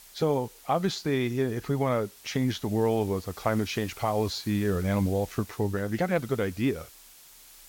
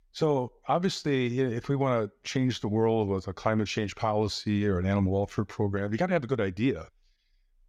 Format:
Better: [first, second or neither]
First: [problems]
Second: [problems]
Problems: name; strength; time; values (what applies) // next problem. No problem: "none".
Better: second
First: hiss; noticeable; throughout; 20 dB below the speech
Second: none